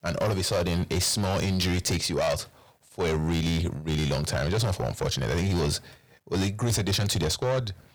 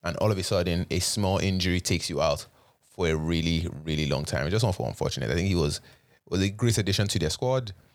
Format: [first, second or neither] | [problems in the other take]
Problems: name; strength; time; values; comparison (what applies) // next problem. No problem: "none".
second | distortion; heavy; 7 dB below the speech